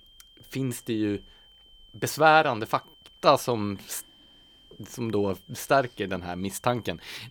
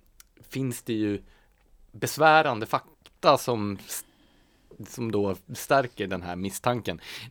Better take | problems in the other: second | high-pitched whine; faint; throughout; 3 kHz, 25 dB below the speech

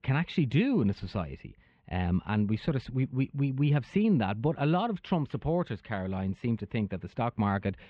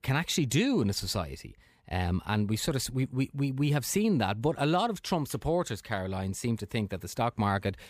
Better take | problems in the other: second | muffled; very; fading above 3 kHz

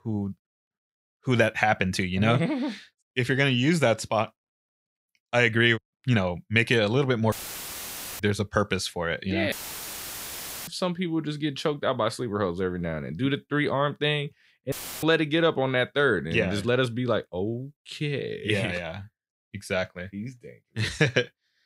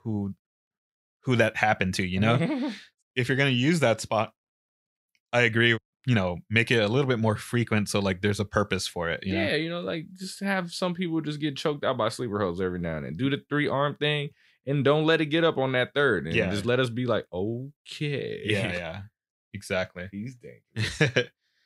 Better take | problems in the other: second | audio cutting out; filled with static; at 7.5 s for 1 s, at 9.5 s for 1 s and at 15 s

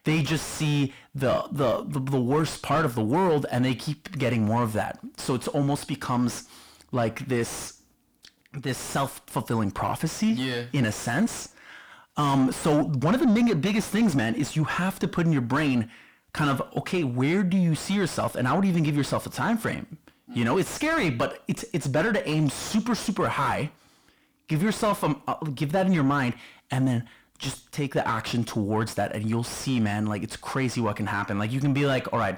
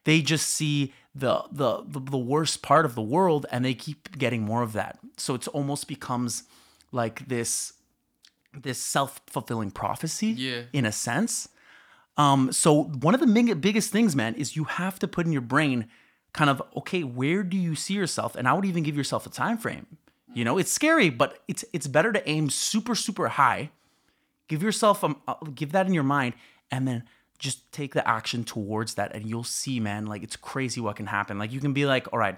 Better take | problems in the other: second | distortion; heavy; 6 dB below the speech

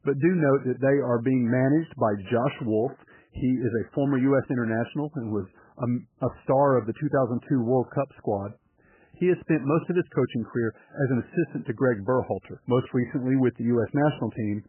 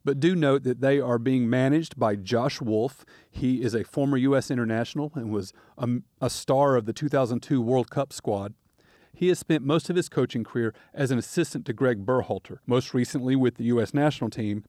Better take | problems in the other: second | garbled, watery; badly; nothing above 3 kHz

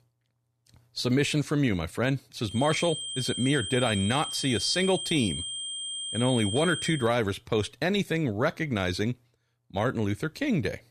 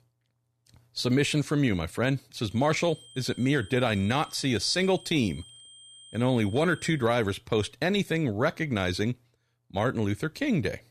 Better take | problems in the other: second | high-pitched whine; loud; from 2.5 to 7 s; 3 kHz, 5 dB below the speech; faint in the second

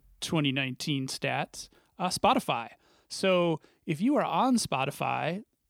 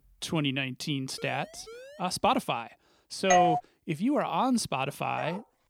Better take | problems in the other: first | siren; faint; at 1 s; peak 15 dB below the speech // doorbell; loud; at 3.5 s; peak 6 dB above the speech // dog barking; faint; at 5 s; peak 10 dB below the speech

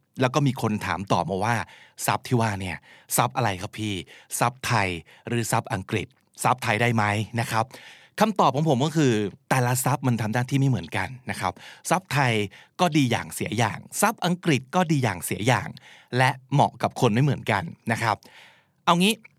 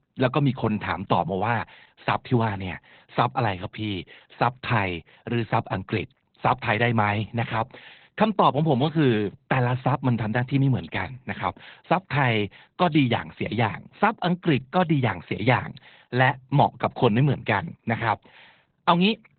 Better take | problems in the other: first | garbled, watery; badly; nothing above 4 kHz

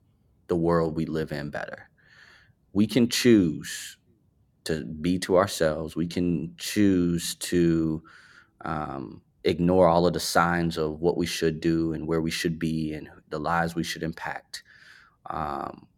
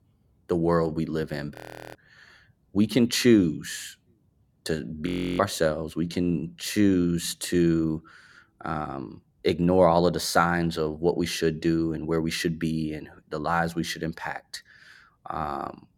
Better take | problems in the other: first | audio freezing; at 1.5 s and at 5 s

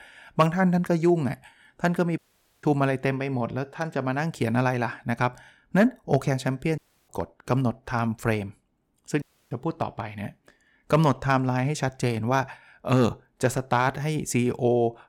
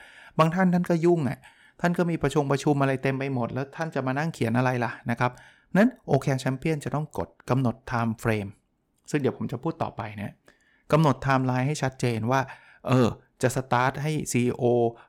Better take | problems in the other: second | audio cutting out; at 2 s, at 7 s and at 9 s

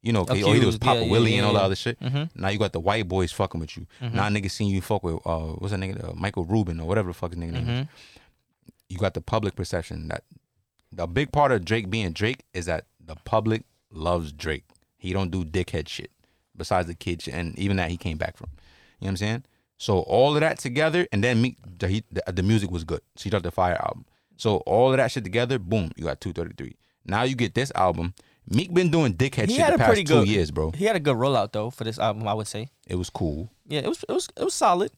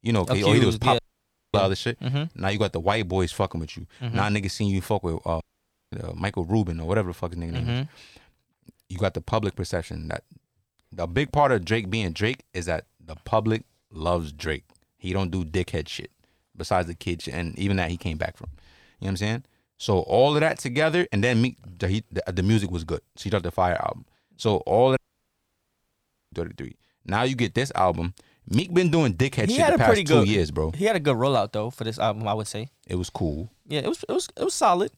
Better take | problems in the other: first | audio cutting out; at 1 s for 0.5 s, at 5.5 s for 0.5 s and at 25 s for 1.5 s

